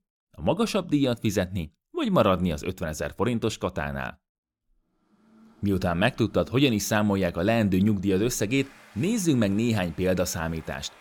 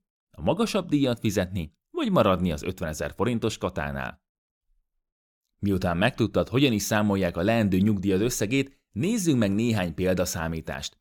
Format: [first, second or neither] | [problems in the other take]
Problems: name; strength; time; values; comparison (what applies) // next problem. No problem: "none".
second | household noises; faint; from 5 s on; 25 dB below the speech